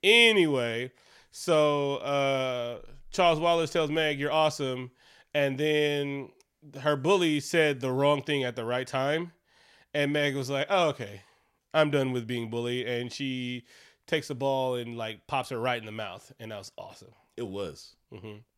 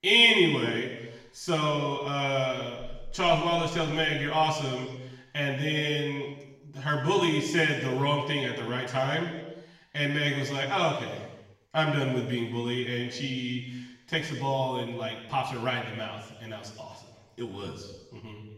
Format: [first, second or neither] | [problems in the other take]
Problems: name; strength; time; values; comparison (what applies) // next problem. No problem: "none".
first | room echo; noticeable; dies away in 1.1 s // off-mic speech; far